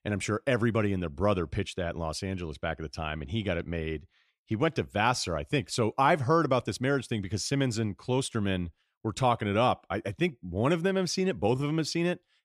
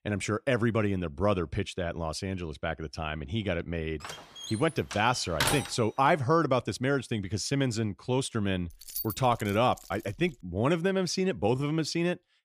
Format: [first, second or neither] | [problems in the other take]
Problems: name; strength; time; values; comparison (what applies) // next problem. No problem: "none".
first | door banging; loud; from 4 to 5.5 s; peak 1 dB above the speech // jangling keys; noticeable; from 8.5 to 10 s; peak 6 dB below the speech